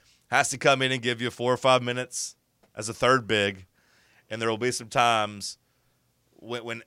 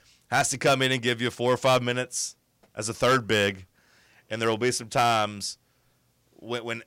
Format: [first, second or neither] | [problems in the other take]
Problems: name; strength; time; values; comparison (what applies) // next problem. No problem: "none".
first | distortion; slight; 3% of the sound clipped